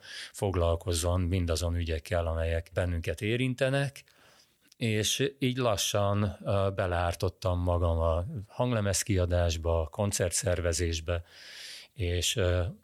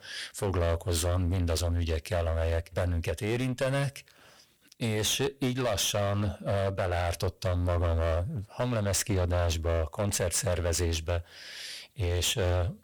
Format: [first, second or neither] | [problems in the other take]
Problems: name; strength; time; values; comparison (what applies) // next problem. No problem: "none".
first | distortion; heavy; 16% of the sound clipped